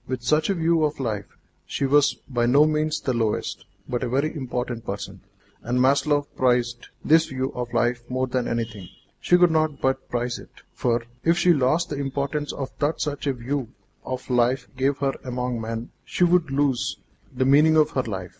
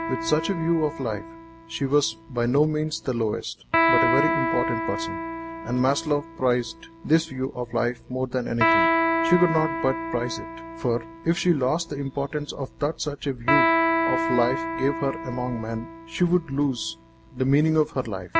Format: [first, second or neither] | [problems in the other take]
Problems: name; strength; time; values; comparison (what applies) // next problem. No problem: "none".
first | background sound (Electric guitar); 2 dB below the speech